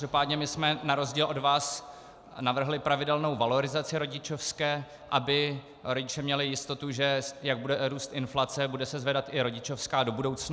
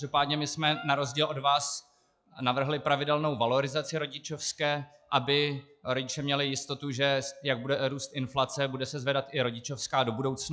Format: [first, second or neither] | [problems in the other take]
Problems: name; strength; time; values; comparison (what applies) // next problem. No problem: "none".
first | noise reduction (classical method log-MMSE)